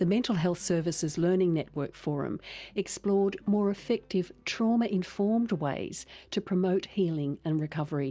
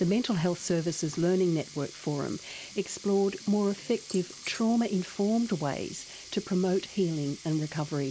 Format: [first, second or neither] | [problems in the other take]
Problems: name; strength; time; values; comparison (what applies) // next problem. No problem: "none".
first | noise reduction (neural mask model Resemble Enhance denoiser)